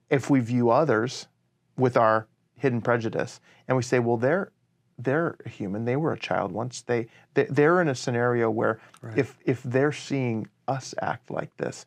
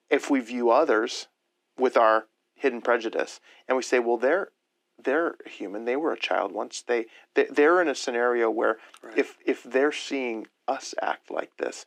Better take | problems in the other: first | thin; very slightly; fading below 300 Hz

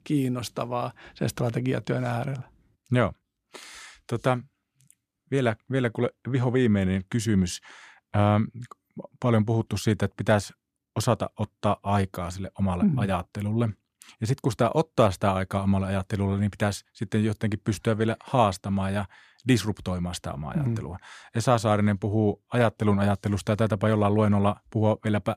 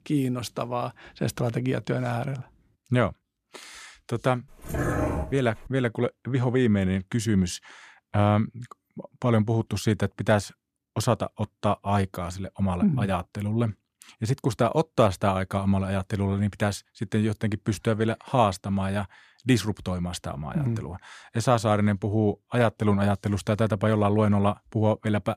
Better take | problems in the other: first | dog barking; noticeable; from 4.5 to 5.5 s; peak level with the speech

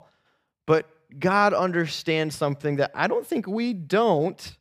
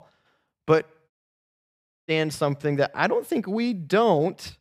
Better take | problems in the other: first | audio cutting out; at 1 s for 1 s

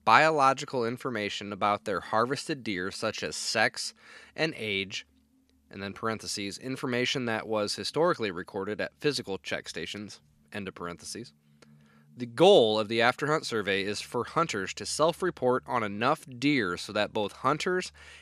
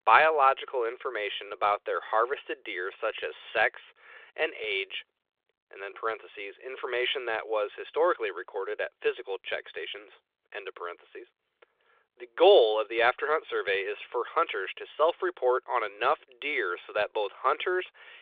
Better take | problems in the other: first | phone-call audio

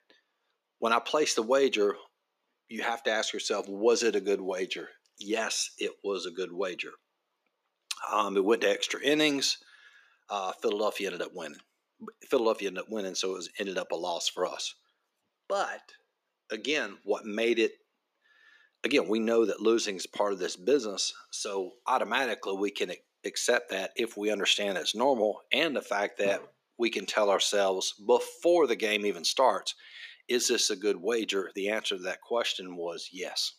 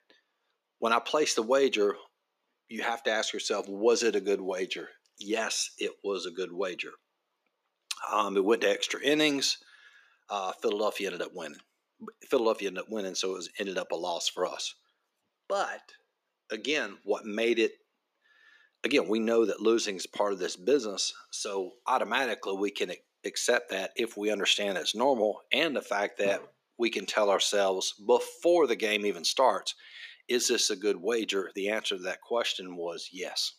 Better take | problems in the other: neither | thin; somewhat; fading below 300 Hz; the same in both

